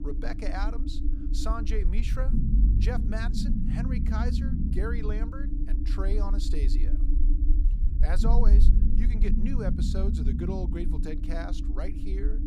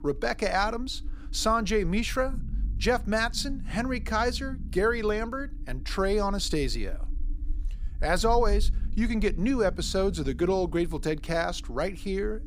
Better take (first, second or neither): second